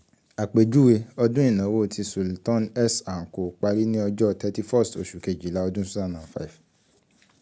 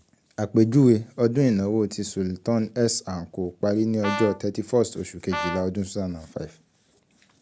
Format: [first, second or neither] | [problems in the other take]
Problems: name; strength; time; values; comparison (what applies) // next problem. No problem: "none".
first | background sound (Brass instrument); 10 dB below the speech